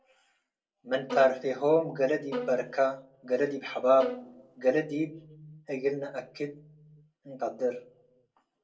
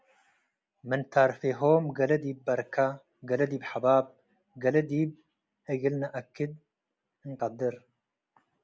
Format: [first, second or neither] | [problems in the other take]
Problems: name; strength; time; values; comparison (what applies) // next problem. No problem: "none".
second | noise reduction (neural separator model SepFormer DNS4)